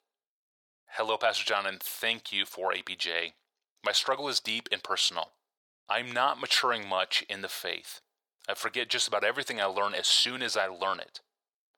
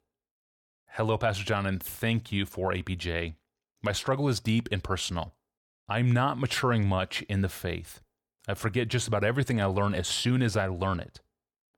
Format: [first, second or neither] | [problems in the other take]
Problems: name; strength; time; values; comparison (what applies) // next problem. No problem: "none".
second | thin; very; fading below 650 Hz